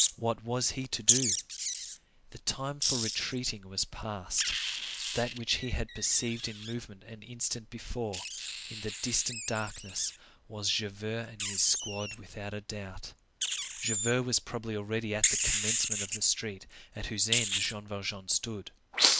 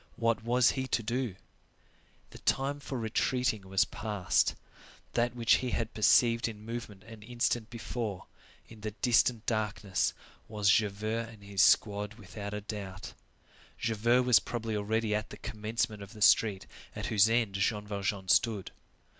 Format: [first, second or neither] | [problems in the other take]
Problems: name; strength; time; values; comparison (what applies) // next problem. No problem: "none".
second | background sound (Wild animals); as loud as the speech